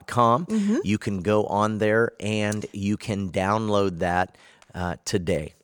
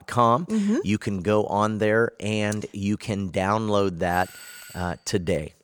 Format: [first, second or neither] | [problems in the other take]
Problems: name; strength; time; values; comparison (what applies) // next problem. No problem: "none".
first | doorbell; faint; at 4 s; peak 15 dB below the speech